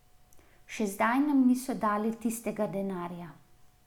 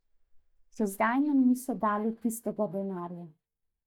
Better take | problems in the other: first | noise reduction (neural mask model DeepFilterNet 3)

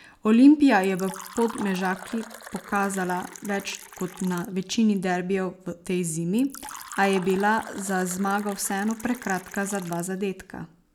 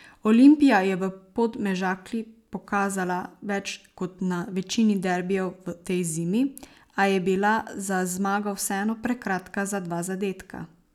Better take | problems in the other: second | background sound (Fill (with liquid)); 18 dB below the speech

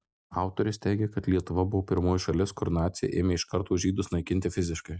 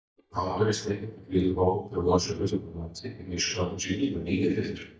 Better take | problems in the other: first | noise reduction (neural mask model DeepFilterNet 3)

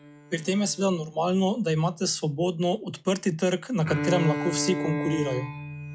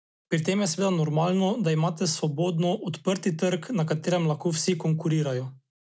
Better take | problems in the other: second | noise reduction (classical method log-MMSE)

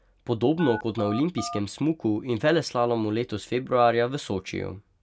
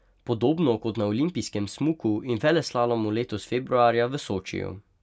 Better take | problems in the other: second | background sound (Telephone); 10 dB below the speech

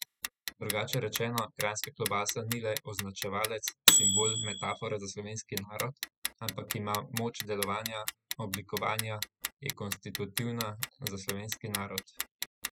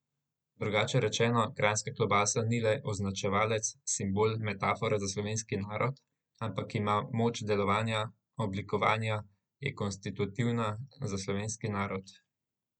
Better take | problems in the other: second | noise reduction (classical method spectral subtraction)

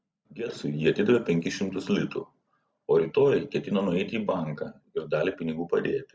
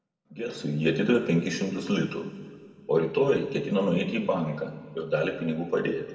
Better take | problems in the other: first | room echo; dies away in 1.6 s

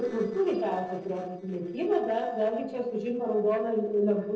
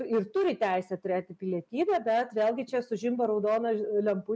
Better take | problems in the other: second | noise reduction (neural separator model SepFormer DNS4)

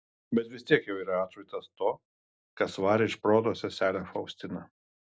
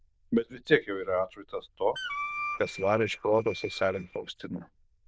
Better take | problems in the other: first | noise reduction (neural diffusion model UNIVERSE++)

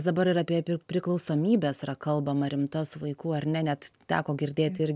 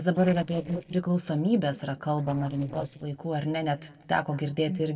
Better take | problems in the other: first | noise reduction (neural separator model SepFormer DNS4)

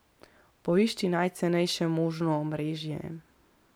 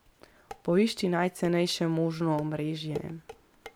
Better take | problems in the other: first | background sound (Dishes, pots, and pans); 18 dB below the speech

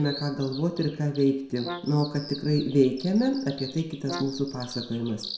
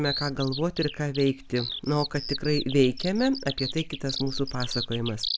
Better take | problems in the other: second | background sound (Brass instrument); 14 dB below the speech // room echo; dies away in 0.6 s

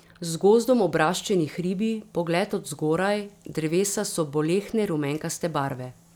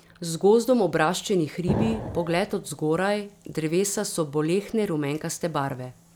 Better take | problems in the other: first | background sound (Explosion); 7 dB below the speech

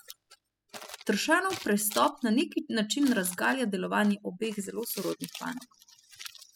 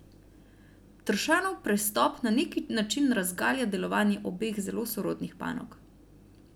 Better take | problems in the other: second | noise reduction (classical method spectral subtraction)

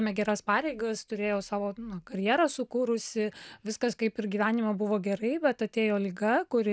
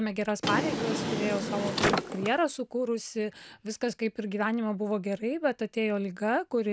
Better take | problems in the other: first | background sound (Drawer open or close); 1 dB below the speech

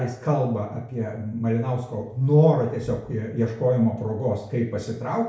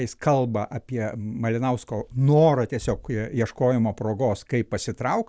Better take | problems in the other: second | room echo; dies away in 0.6 s

